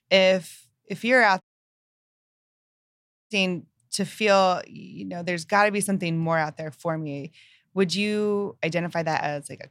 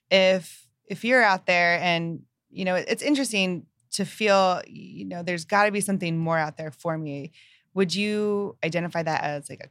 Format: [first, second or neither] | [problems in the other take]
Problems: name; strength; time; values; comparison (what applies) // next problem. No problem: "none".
second | audio cutting out; at 1.5 s for 2 s